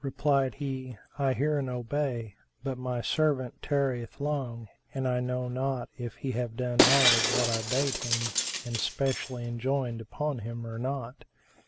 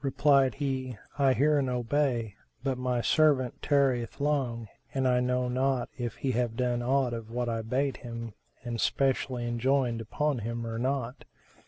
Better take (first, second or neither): second